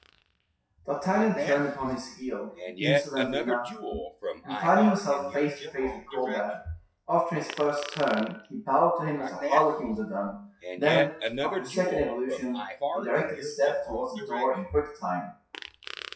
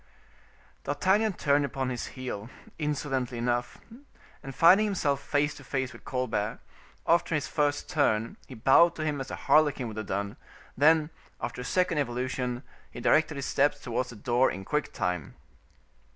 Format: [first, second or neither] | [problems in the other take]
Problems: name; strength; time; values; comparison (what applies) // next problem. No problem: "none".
second | noise reduction (classical method WPE with log-MMSE)